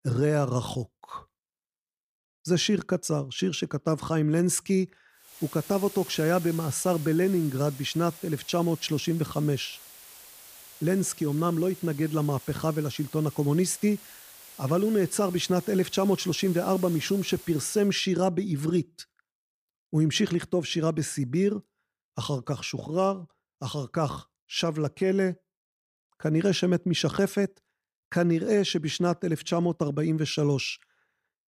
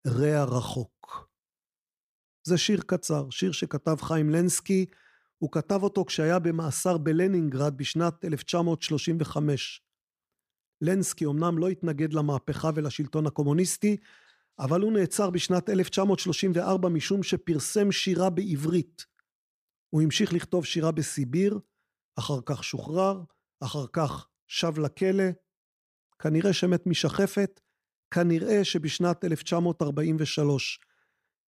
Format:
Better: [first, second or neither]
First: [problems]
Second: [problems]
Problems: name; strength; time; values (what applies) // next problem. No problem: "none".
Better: second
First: hiss; noticeable; from 5.5 to 18 s; 15 dB below the speech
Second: none